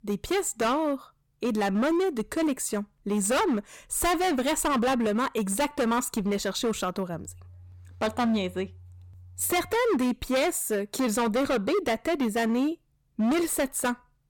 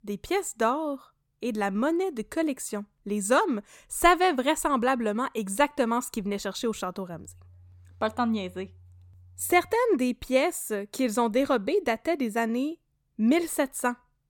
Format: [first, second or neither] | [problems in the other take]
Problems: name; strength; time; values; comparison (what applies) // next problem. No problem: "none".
second | distortion; heavy; 17% of the sound clipped